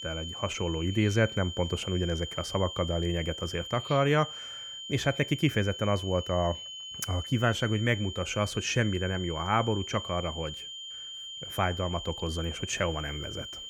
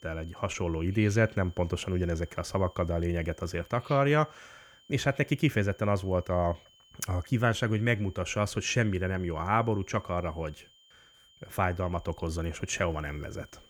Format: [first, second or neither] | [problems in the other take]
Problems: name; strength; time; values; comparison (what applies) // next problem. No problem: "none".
second | high-pitched whine; loud; throughout; 3 kHz, 8 dB below the speech; faint in the second